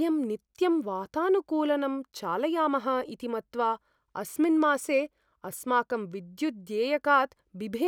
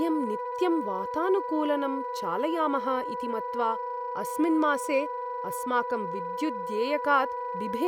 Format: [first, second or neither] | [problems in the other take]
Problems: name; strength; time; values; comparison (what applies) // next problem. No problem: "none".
first | background sound (Wind instrument, woodwind instrument); 4 dB below the speech